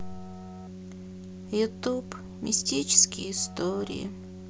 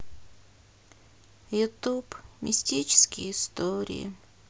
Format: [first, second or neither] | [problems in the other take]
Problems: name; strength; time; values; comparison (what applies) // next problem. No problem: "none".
second | background sound (Keyboard (musical)); 12 dB below the speech